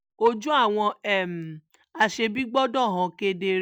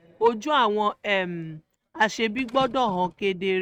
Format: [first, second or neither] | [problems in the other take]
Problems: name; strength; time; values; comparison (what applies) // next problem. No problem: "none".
first | noise reduction (neural mask model RNNoise)